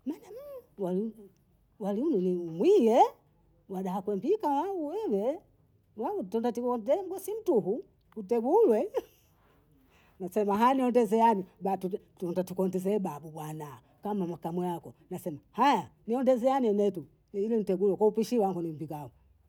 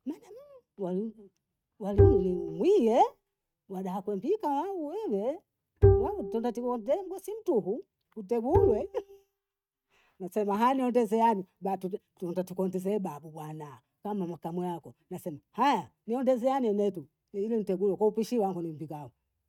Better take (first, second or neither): first